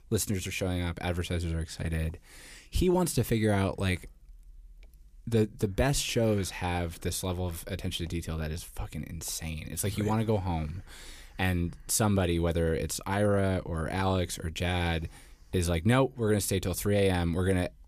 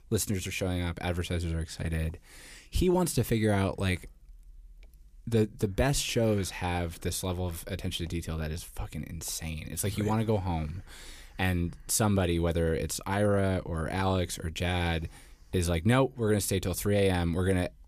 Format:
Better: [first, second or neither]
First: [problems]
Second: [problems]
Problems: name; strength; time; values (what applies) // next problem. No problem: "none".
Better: neither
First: none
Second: none